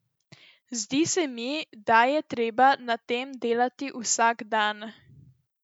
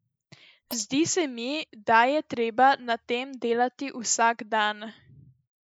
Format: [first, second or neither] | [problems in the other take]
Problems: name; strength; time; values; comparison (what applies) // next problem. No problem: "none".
first | noise reduction (neural mask model Resemble Enhance denoiser)